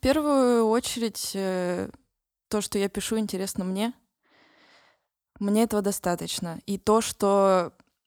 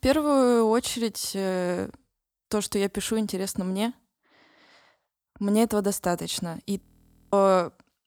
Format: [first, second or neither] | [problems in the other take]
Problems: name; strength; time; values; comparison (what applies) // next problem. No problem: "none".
first | audio freezing; at 7 s for 0.5 s